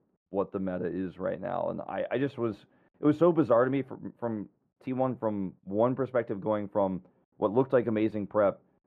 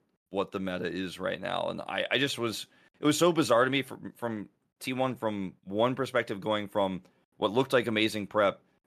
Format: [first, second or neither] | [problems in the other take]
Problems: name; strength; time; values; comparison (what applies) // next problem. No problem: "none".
second | muffled; very; fading above 2.5 kHz